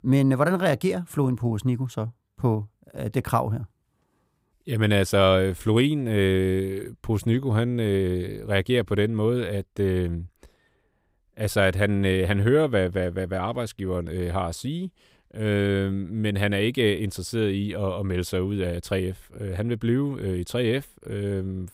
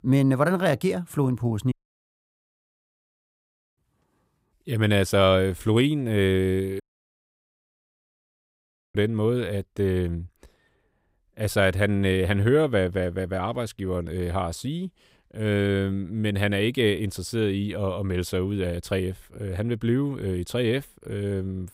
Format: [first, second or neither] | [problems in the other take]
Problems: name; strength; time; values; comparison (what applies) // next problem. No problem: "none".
first | audio cutting out; at 1.5 s for 2 s and at 7 s for 2 s